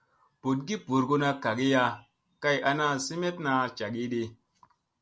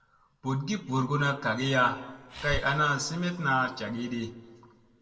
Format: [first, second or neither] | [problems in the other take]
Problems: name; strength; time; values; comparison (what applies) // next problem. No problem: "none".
first | background sound (Breathing); 15 dB below the speech // room echo; dies away in 1.6 s